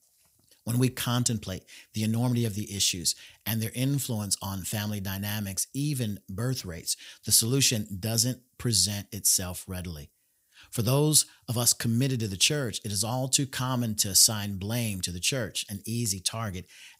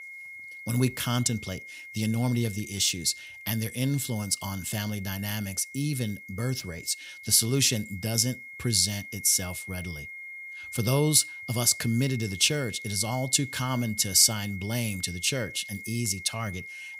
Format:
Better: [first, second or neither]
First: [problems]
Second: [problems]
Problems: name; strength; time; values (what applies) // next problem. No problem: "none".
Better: first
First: none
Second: high-pitched whine; noticeable; throughout; 2 kHz, 15 dB below the speech